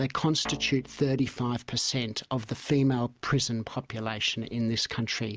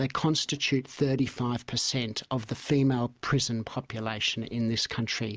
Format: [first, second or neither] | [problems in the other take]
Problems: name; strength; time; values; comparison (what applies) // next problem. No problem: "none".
second | background sound (Guitar); 14 dB below the speech